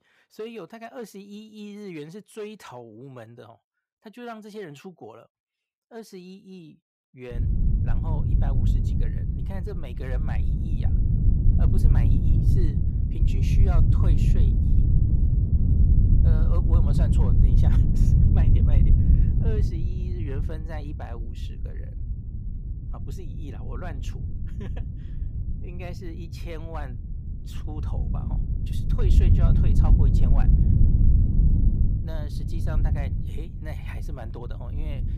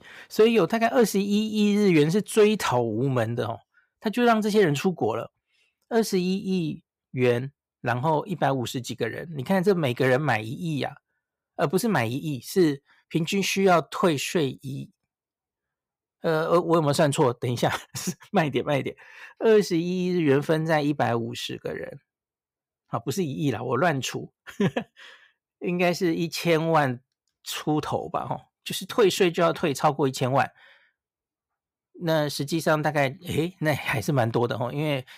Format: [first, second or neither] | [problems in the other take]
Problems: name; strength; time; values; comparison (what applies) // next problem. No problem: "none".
second | wind noise on the microphone; heavy; from 7.5 s on; 4 dB above the speech